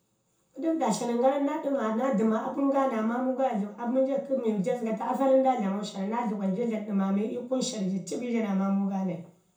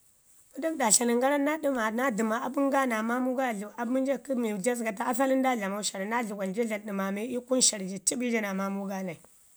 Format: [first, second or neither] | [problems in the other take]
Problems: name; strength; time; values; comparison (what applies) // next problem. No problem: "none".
second | room echo; dies away in 0.6 s